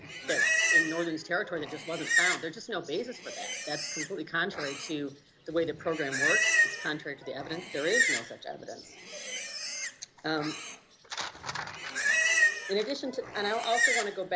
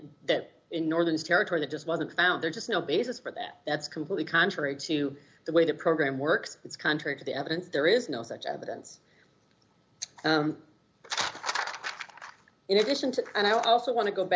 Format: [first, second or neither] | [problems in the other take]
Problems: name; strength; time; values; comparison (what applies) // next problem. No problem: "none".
second | background sound (Livestock, farm animals, working animals); 3 dB above the speech